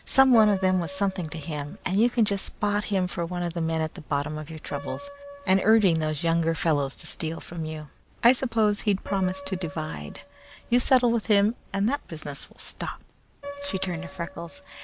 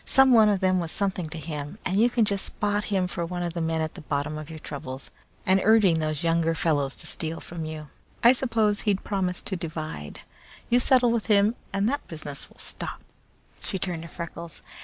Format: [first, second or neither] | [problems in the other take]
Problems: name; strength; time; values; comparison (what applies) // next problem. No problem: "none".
second | background sound (Piano); 18 dB below the speech